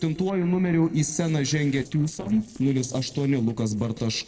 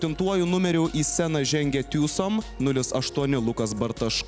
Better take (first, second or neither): second